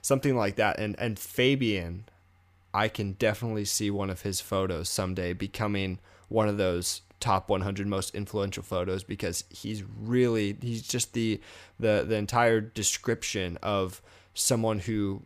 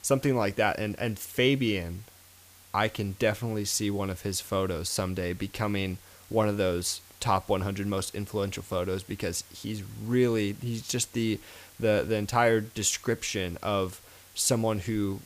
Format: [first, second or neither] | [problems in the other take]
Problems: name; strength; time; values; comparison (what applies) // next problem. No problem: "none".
first | hiss; faint; throughout; 25 dB below the speech